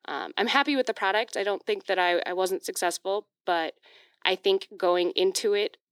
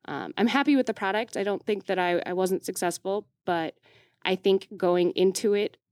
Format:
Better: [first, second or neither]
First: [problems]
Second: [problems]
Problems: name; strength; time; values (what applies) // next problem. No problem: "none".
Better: second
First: thin; somewhat; fading below 450 Hz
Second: none